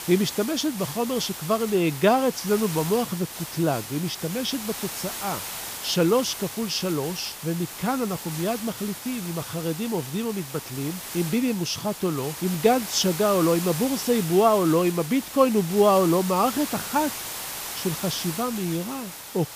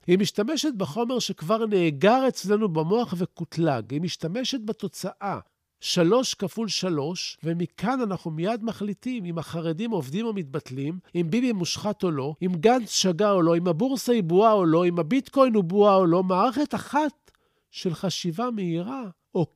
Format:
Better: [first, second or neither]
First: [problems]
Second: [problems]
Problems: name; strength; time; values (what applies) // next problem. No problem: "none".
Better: second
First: hiss; loud; throughout; 8 dB below the speech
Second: none